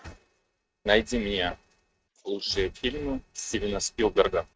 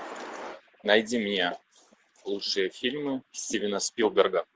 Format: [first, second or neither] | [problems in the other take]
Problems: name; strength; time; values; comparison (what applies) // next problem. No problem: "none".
second | noise reduction (neural mask model RNNoise)